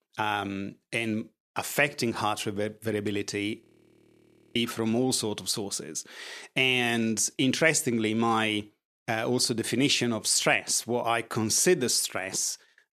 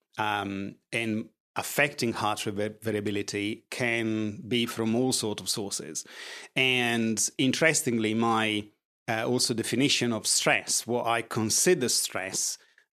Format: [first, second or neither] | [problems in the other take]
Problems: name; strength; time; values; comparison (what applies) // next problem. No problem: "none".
second | audio freezing; at 3.5 s for 1 s